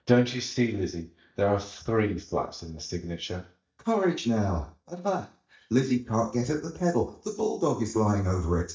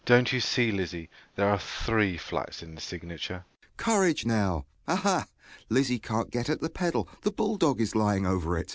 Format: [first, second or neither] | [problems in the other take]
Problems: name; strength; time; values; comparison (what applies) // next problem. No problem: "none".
second | noise reduction (neural mask model DeepFilterNet 3)